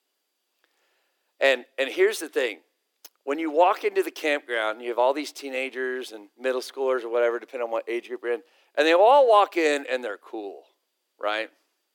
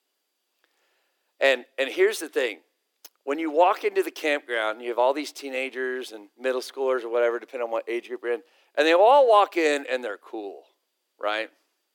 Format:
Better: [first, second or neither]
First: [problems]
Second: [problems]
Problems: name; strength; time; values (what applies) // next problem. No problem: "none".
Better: neither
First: thin; somewhat; fading below 350 Hz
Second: thin; somewhat; fading below 350 Hz